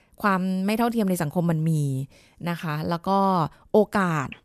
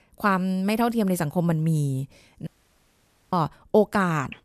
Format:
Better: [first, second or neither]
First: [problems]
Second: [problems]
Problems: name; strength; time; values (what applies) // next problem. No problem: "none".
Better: first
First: none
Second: audio cutting out; at 2.5 s for 1 s